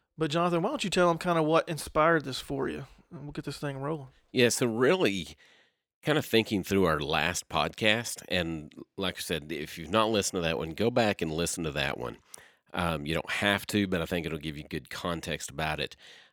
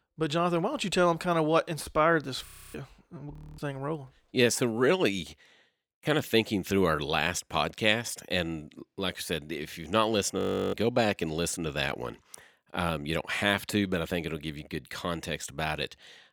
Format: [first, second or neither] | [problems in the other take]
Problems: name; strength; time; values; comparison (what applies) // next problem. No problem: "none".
first | audio freezing; at 2.5 s, at 3.5 s and at 10 s